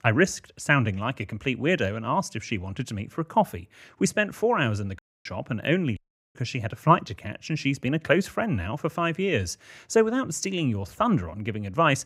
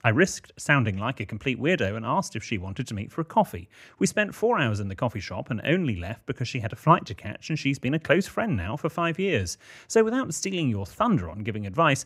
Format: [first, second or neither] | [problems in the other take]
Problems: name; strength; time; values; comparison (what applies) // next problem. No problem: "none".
second | audio cutting out; at 5 s and at 6 s